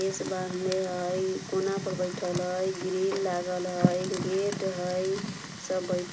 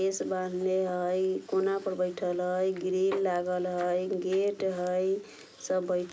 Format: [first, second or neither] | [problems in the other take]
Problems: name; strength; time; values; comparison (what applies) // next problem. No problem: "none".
second | background sound (Fire); 5 dB below the speech